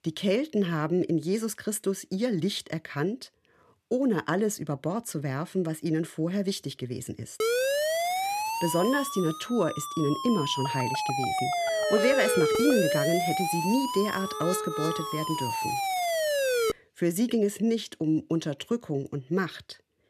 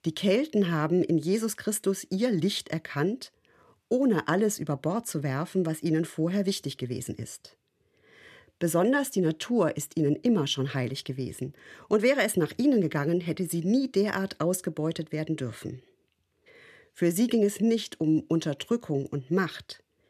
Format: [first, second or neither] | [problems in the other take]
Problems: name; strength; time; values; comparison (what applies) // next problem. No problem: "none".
second | siren; loud; from 7.5 to 17 s; peak 4 dB above the speech